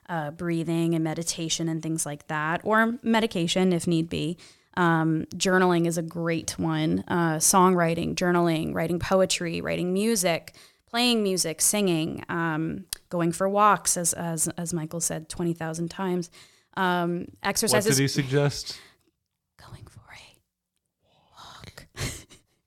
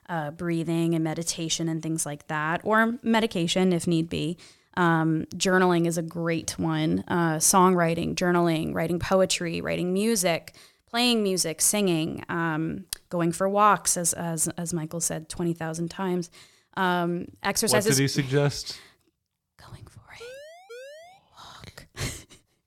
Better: first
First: none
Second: siren; faint; at 20 s; peak 20 dB below the speech

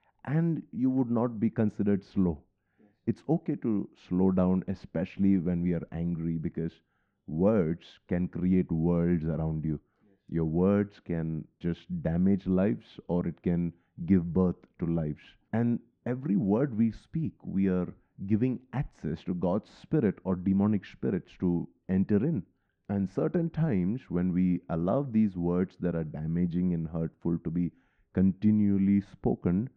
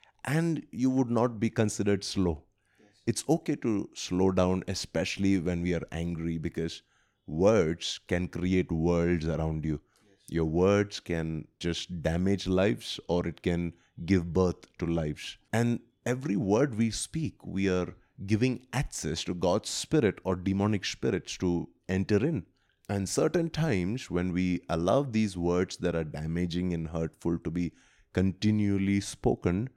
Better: second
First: muffled; very; fading above 1.5 kHz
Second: none

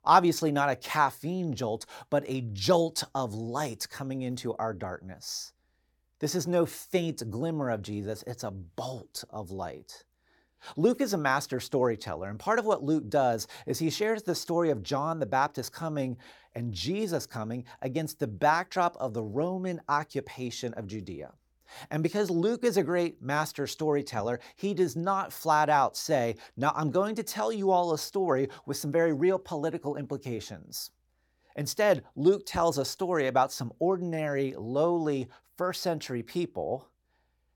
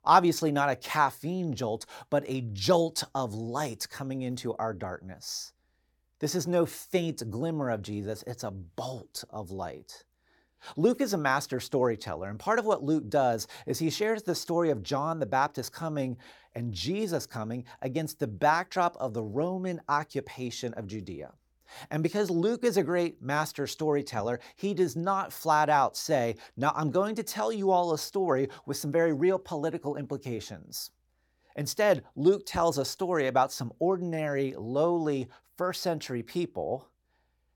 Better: neither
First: none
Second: none

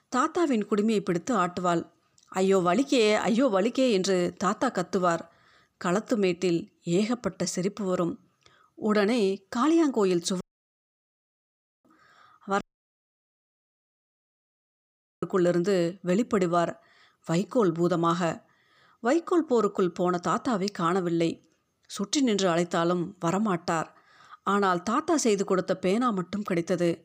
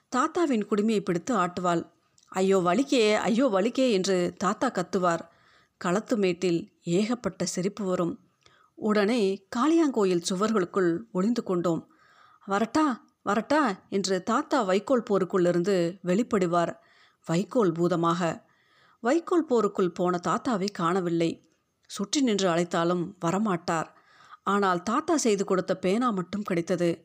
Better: second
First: audio cutting out; at 10 s for 1.5 s and at 13 s for 2.5 s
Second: none

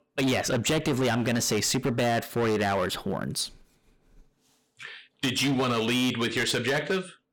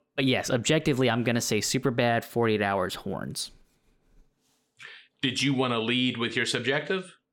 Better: second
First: distortion; heavy; 14% of the sound clipped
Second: none

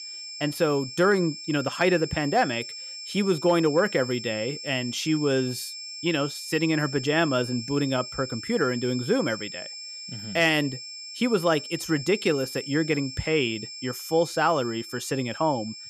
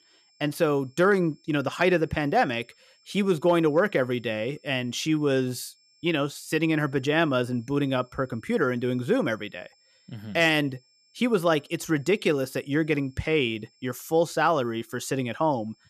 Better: second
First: high-pitched whine; loud; throughout; 5.5 kHz, 10 dB below the speech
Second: high-pitched whine; faint; throughout; 5.5 kHz, 35 dB below the speech

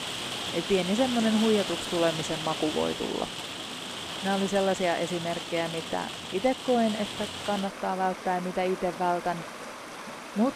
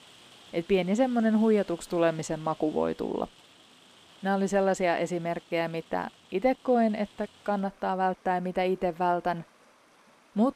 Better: second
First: rain or running water; loud; throughout; 5 dB below the speech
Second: rain or running water; faint; throughout; 25 dB below the speech

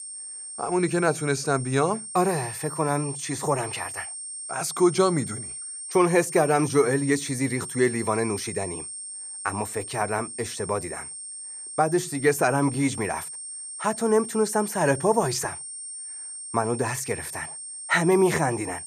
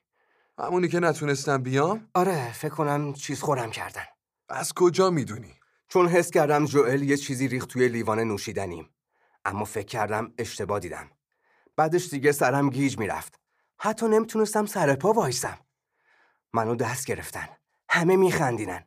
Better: second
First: high-pitched whine; loud; throughout; 8.5 kHz, 9 dB below the speech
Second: none

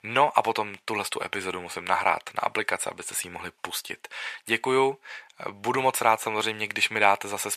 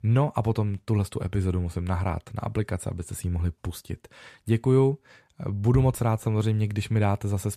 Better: second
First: thin; very; fading below 650 Hz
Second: none

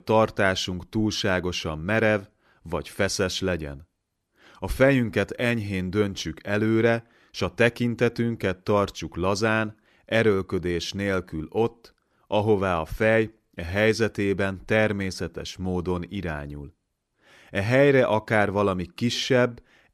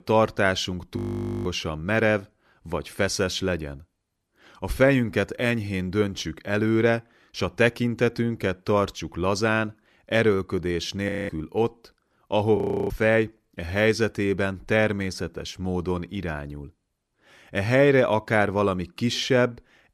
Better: first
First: none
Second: audio freezing; at 1 s, at 11 s and at 13 s

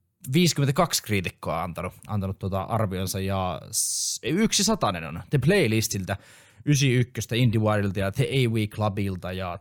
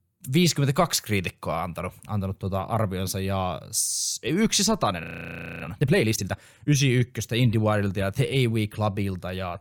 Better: first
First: none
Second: audio freezing; at 5 s for 0.5 s

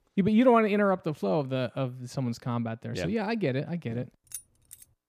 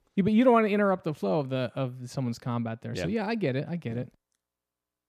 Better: second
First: jangling keys; faint; at 4.5 s; peak 15 dB below the speech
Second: none

